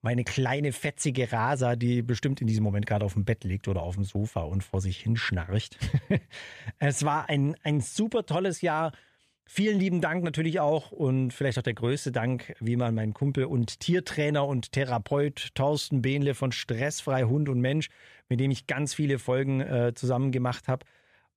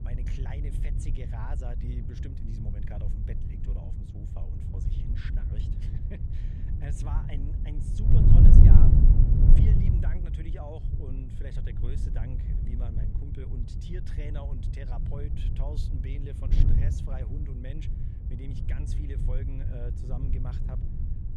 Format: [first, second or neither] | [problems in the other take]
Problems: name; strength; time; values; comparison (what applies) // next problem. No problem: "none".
first | wind noise on the microphone; heavy; 5 dB above the speech